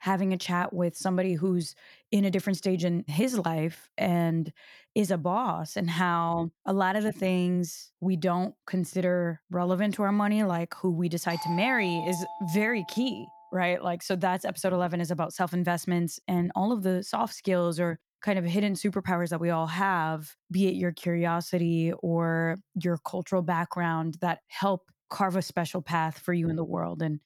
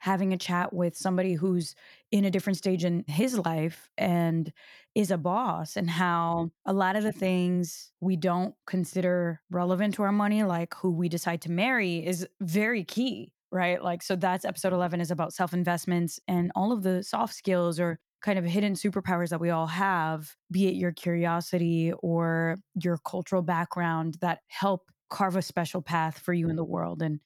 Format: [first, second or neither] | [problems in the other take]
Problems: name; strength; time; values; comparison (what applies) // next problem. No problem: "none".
second | doorbell; noticeable; from 11 to 13 s; peak 6 dB below the speech